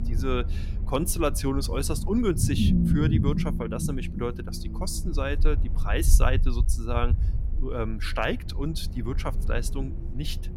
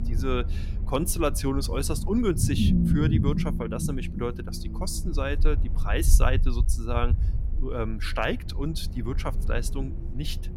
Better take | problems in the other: neither | low rumble; loud; throughout; 9 dB below the speech; the same in both

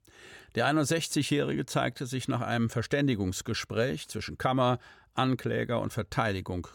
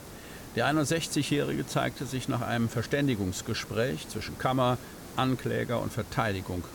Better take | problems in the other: first | hiss; noticeable; throughout; 15 dB below the speech

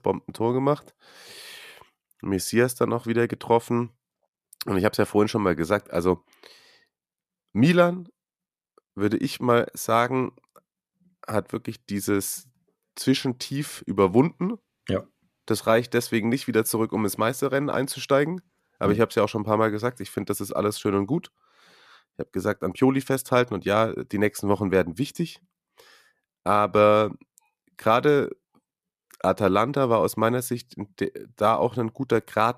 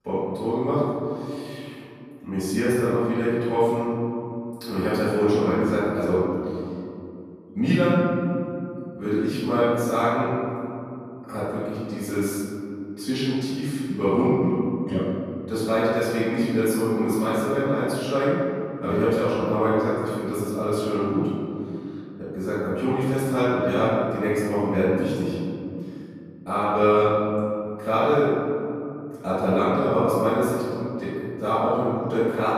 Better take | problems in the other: first | off-mic speech; far // room echo; strong; dies away in 2.8 s

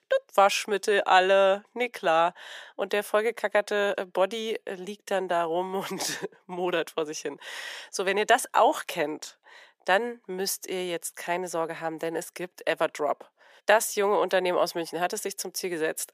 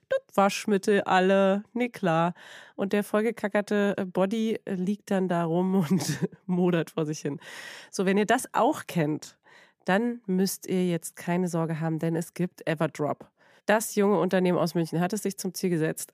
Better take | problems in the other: second | thin; very; fading below 550 Hz

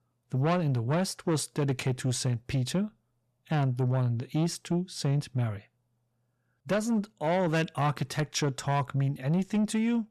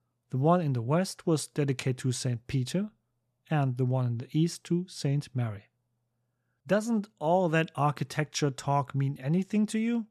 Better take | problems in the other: second | distortion; slight; 10 dB below the speech

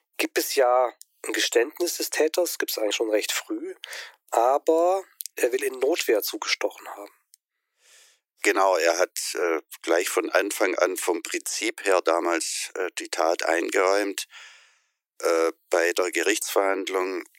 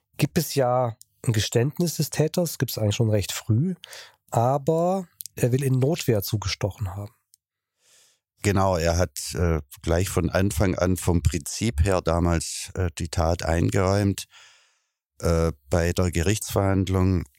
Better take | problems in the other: second | thin; very; fading below 300 Hz

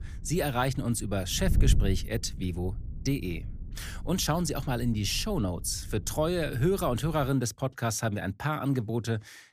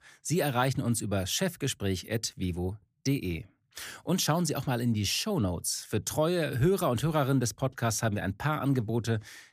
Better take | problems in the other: second | wind noise on the microphone; occasional gusts; until 7.5 s; 20 dB below the speech

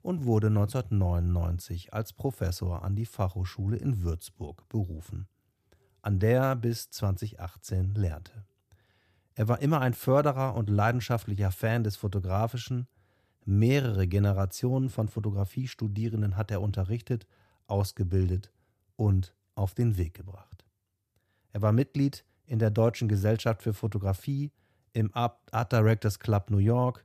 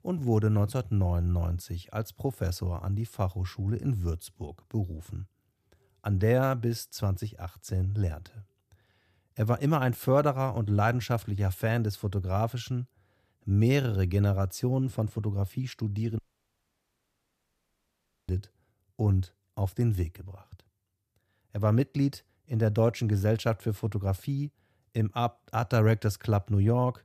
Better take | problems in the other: first | audio cutting out; at 16 s for 2 s

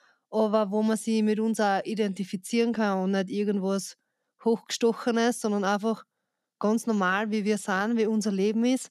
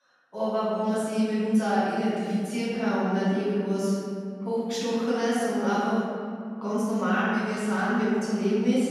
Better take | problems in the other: first | room echo; strong; dies away in 2.2 s // off-mic speech; far

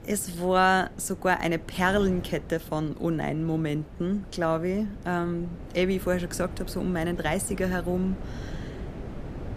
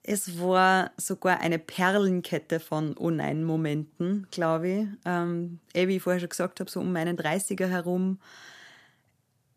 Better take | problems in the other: second | wind noise on the microphone; occasional gusts; 20 dB below the speech

